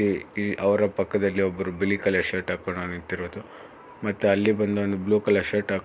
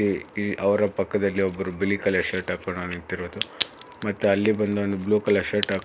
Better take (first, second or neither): first